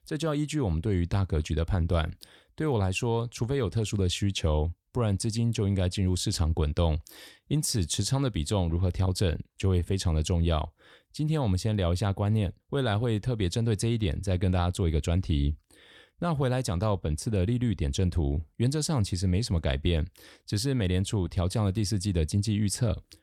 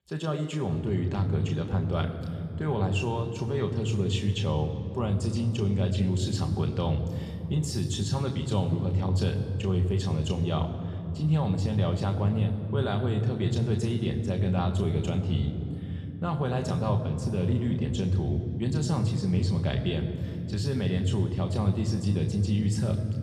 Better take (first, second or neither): first